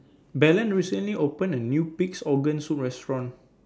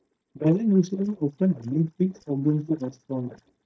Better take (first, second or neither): first